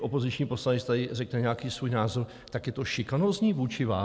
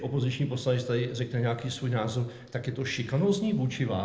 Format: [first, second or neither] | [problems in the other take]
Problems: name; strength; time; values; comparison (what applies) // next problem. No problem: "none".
first | noise reduction (neural separator model SepFormer DNS4)